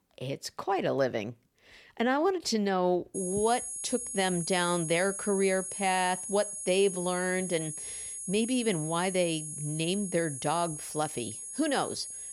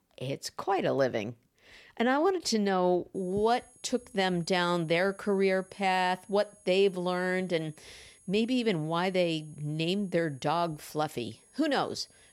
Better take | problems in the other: second | high-pitched whine; loud; from 3 s on; 10.5 kHz, 6 dB below the speech; faint in the second

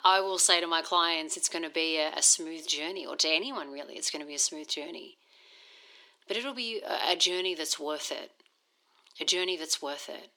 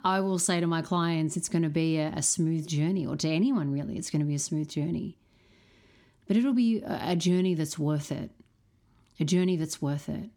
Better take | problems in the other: second | thin; very; fading below 400 Hz

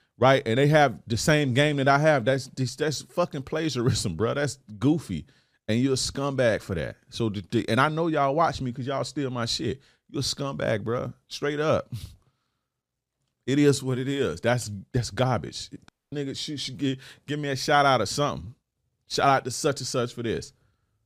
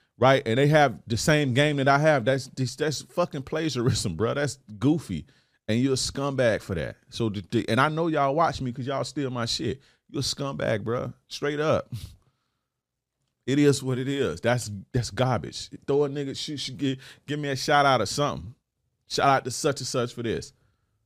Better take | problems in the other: second | audio cutting out; at 16 s

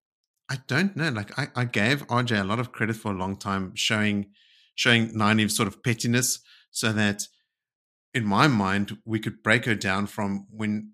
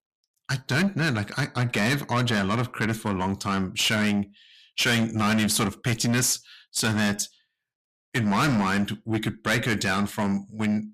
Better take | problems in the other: first | distortion; heavy; 6 dB below the speech

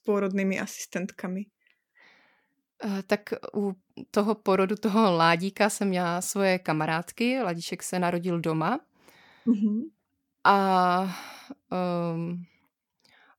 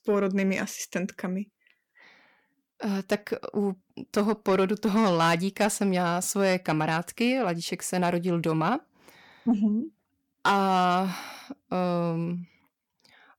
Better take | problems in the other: first | distortion; slight; 10 dB below the speech

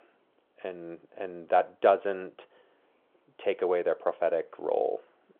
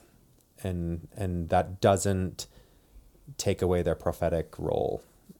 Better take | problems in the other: second | phone-call audio

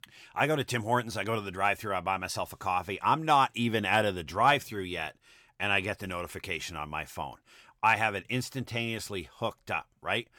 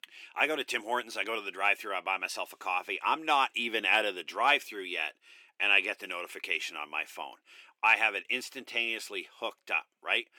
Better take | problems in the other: first | thin; somewhat; fading below 300 Hz

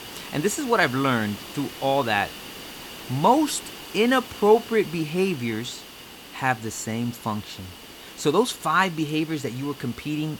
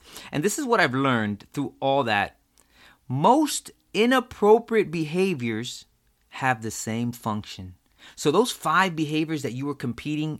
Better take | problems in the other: second | hiss; noticeable; throughout; 15 dB below the speech

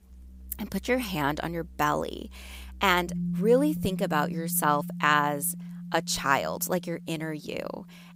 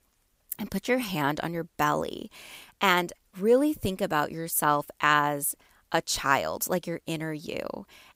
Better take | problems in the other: second | background music; noticeable; throughout; 10 dB below the speech

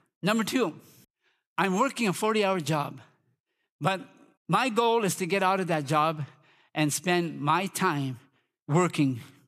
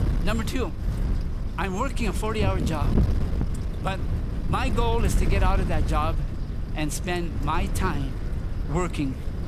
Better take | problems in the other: first | wind noise on the microphone; heavy; 9 dB below the speech

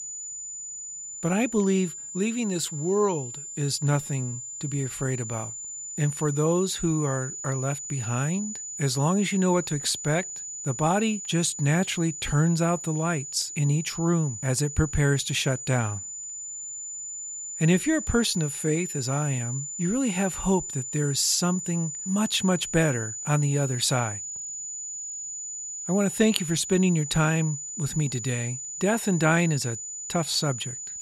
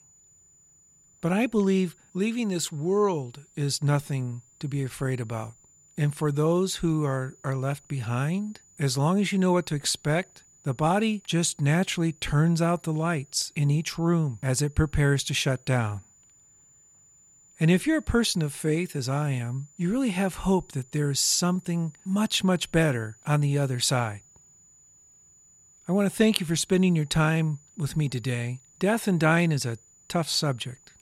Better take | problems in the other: second | high-pitched whine; loud; throughout; 7 kHz, 7 dB below the speech; faint in the second

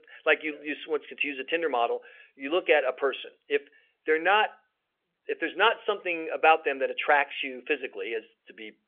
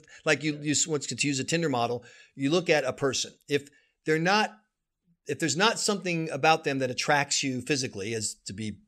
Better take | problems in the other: second | phone-call audio; nothing above 3 kHz

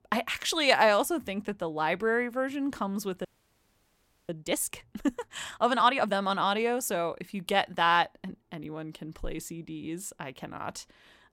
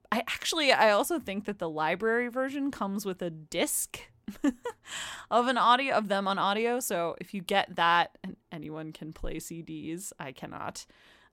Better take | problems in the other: second | audio freezing; at 3.5 s for 1 s

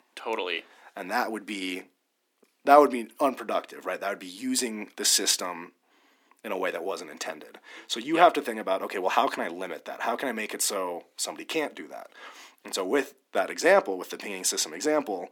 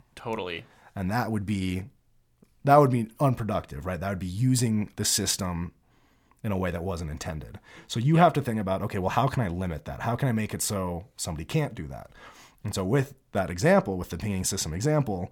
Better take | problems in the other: second | thin; somewhat; fading below 250 Hz

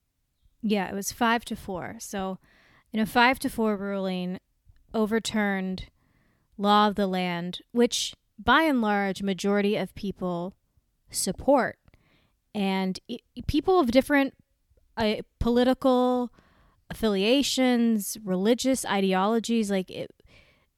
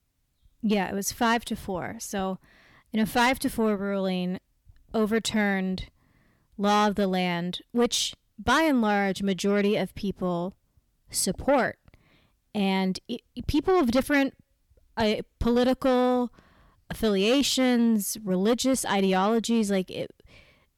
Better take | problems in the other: first | distortion; slight; 10 dB below the speech

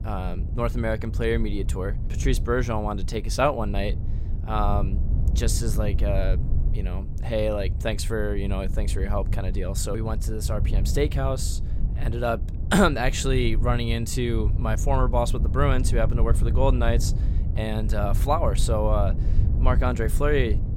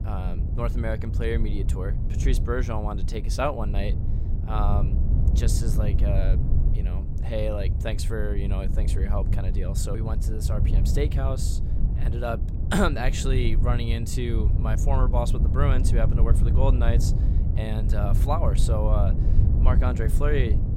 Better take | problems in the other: first | wind noise on the microphone; heavy; 8 dB below the speech; occasional gusts in the first

